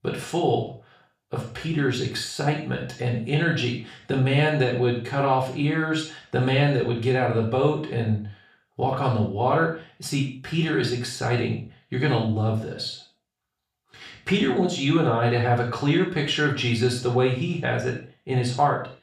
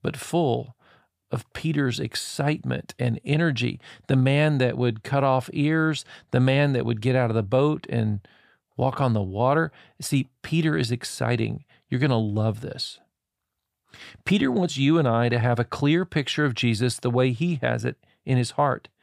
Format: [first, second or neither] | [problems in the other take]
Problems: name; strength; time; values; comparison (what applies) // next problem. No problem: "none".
second | room echo; noticeable; dies away in 0.4 s // off-mic speech; far